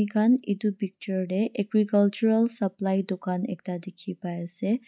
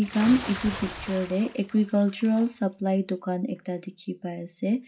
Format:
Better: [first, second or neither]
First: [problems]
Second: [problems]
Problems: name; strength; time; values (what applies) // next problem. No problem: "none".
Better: first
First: none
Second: background sound (Bathtub (filling or washing) / Splash, splatter); 15 dB below the speech // room echo; dies away in 0.2 s